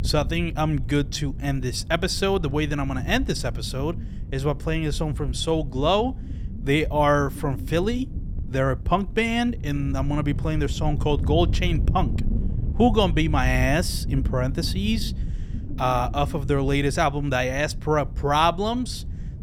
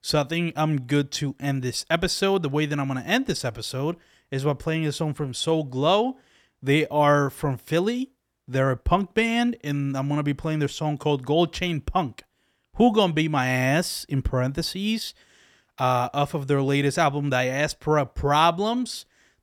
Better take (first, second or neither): second